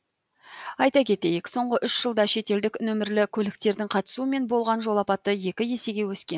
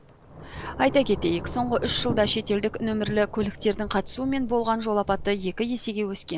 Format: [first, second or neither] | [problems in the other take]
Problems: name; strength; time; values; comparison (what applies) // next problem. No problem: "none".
first | background sound (Thunder / Rain); 11 dB below the speech